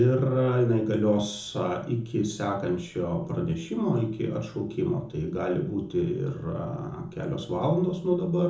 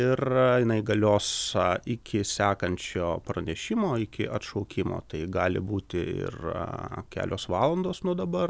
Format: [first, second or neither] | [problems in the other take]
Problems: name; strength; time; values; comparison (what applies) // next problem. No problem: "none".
second | room echo; dies away in 0.6 s